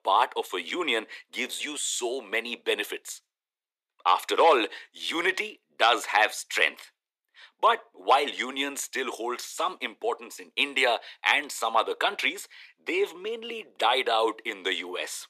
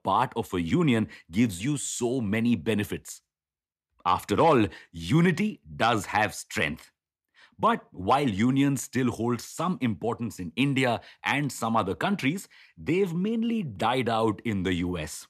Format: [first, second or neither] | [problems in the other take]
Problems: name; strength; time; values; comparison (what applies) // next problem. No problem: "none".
second | thin; very; fading below 400 Hz